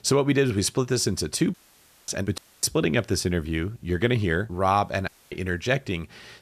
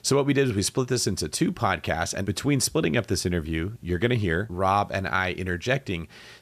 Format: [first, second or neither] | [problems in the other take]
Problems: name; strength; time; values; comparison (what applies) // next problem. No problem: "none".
second | audio cutting out; at 1.5 s for 0.5 s, at 2.5 s and at 5 s